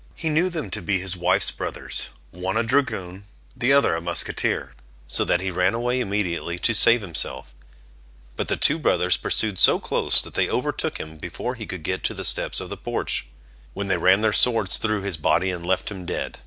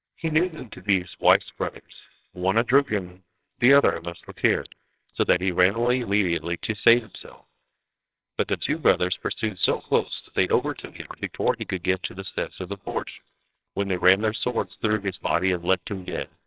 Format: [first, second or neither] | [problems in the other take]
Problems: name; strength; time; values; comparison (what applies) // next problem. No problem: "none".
first | noise reduction (neural separator model SepFormer WHAMR!)